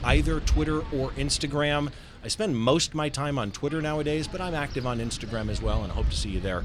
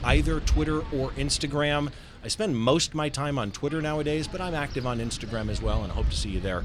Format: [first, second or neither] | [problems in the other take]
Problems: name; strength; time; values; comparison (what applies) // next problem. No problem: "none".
neither | wind noise on the microphone; occasional gusts; 15 dB below the speech; the same in both